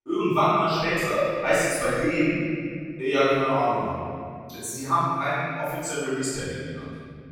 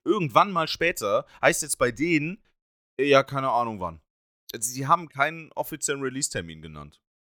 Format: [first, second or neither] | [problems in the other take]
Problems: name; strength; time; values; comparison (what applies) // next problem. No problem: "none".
second | off-mic speech; far // room echo; strong; dies away in 2.2 s